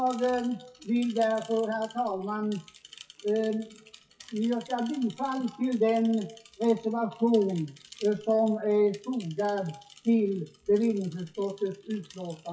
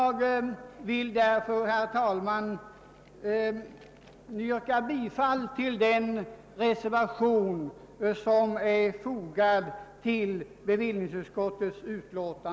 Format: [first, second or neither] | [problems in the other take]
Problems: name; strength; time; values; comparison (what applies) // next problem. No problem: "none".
second | noise reduction (classical method WPE with log-MMSE)